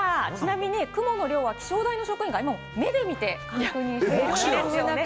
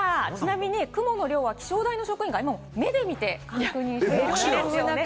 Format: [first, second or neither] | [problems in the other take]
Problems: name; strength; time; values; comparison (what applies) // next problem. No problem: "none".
second | background sound (Trumpet); 16 dB below the speech